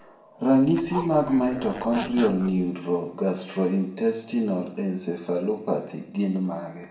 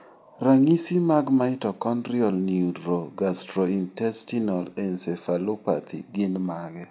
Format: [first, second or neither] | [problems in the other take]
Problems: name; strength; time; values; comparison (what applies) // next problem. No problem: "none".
second | background sound (Zipper (clothing)); 11 dB below the speech // room echo; dies away in 0.7 s